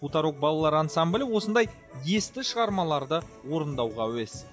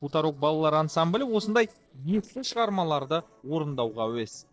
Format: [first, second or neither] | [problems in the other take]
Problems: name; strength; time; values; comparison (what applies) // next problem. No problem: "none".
first | noise reduction (neural separator model SepFormer DNS4)